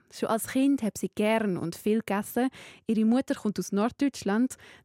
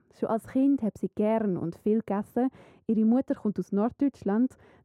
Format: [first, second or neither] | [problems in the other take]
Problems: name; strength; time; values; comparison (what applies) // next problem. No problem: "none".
first | muffled; very; fading above 1.5 kHz